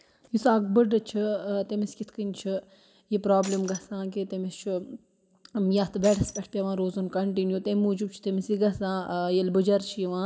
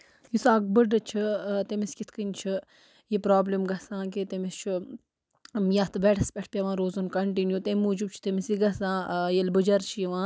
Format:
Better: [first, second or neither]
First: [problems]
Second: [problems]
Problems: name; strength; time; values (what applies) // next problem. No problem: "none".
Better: second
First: background sound (Shatter); 13 dB below the speech // room echo; dies away in 0.7 s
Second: none